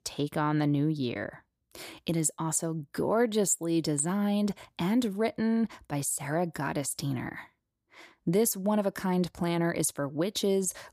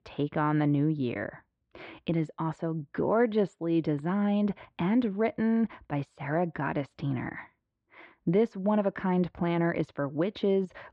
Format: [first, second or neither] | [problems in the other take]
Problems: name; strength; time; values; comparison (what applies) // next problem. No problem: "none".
first | muffled; very; fading above 3 kHz